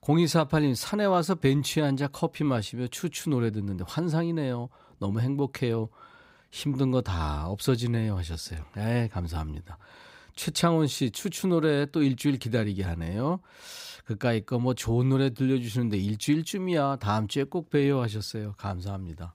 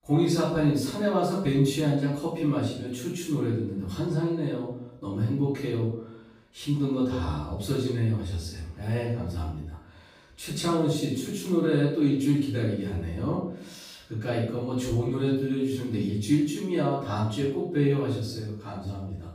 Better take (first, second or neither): first